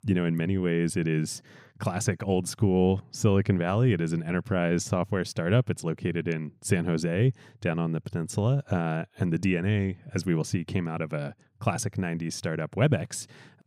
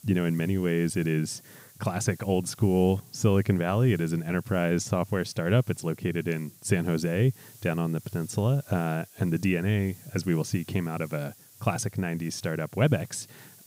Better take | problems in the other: first | hiss; faint; throughout; 25 dB below the speech

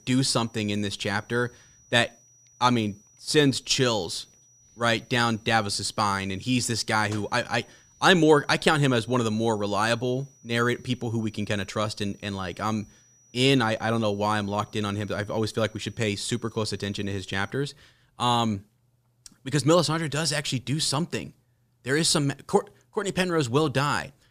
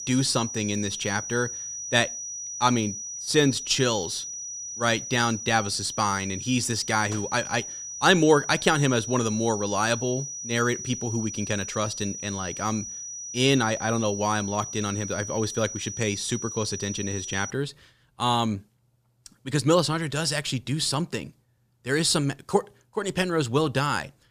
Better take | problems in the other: first | high-pitched whine; loud; until 18 s; 6 kHz, 8 dB below the speech; faint in the first

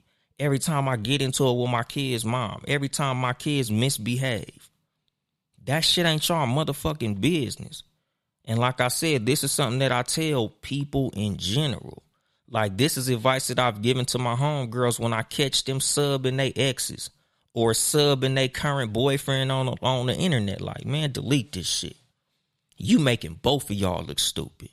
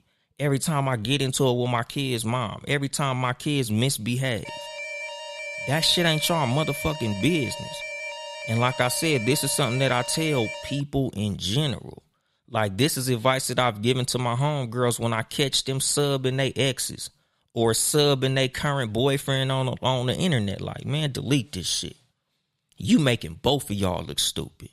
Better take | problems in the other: first | alarm; noticeable; from 4.5 to 11 s; peak 8 dB below the speech

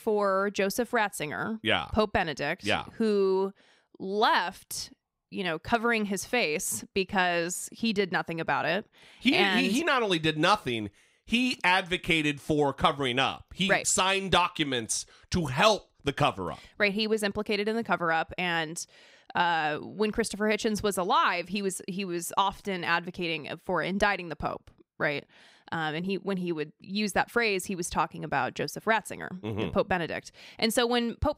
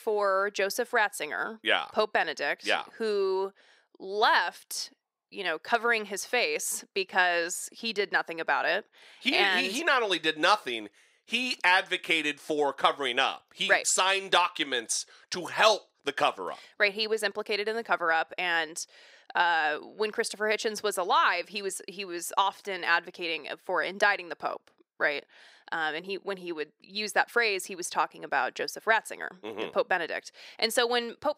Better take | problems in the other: first | thin; somewhat; fading below 450 Hz

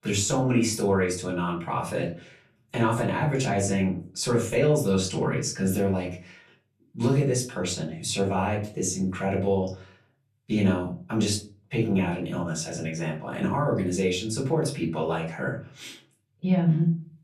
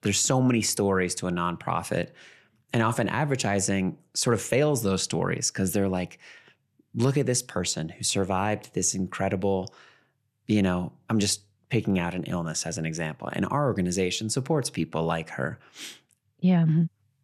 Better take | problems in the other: second | off-mic speech; far // room echo; slight; dies away in 0.3 s

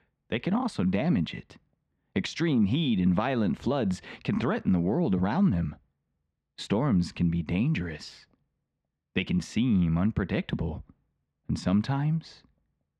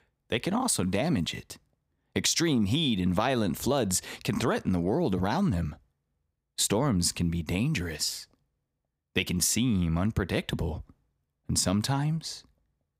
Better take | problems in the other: second | muffled; slightly; fading above 2.5 kHz

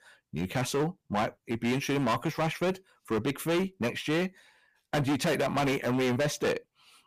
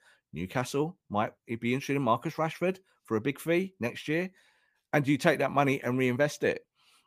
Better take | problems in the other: second | distortion; heavy; 16% of the sound clipped

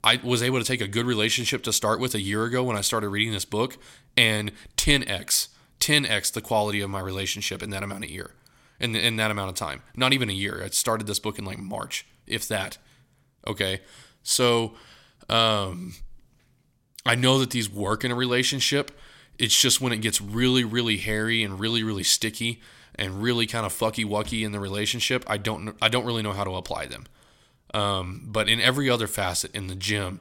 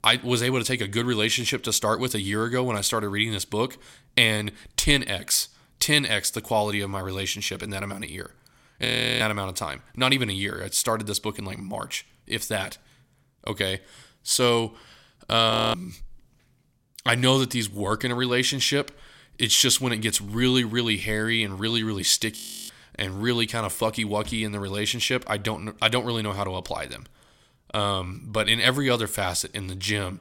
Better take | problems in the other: first | audio freezing; at 9 s, at 16 s and at 22 s

